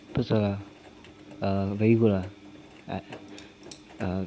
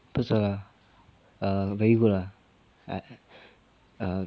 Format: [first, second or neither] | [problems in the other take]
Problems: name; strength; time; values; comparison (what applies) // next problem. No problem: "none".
second | background sound (Engine); 19 dB below the speech